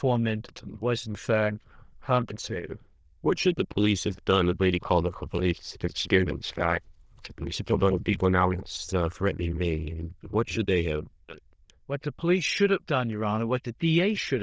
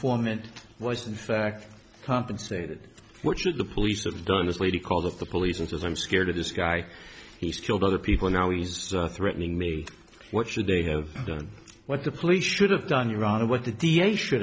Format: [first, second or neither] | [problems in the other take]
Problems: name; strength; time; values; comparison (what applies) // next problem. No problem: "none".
second | noise reduction (neural diffusion model UNIVERSE++)